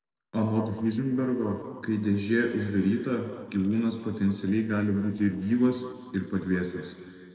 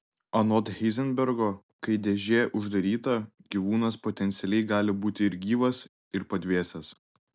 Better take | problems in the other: second | noise reduction (neural separator model SepFormer DNS4)

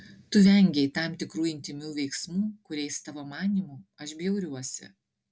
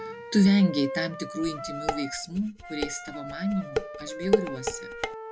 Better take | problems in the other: first | background sound (Wind instrument, woodwind instrument + Dishes, pots, and pans); 5 dB below the speech

